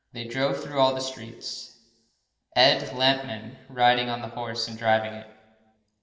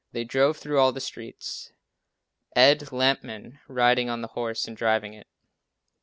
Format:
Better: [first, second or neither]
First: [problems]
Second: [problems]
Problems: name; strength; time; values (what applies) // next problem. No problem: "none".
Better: second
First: room echo; dies away in 1.6 s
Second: none